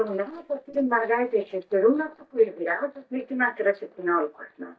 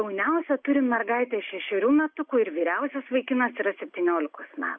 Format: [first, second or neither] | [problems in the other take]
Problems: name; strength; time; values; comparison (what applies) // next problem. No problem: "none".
second | noise reduction (neural mask model DeepFilterNet 3)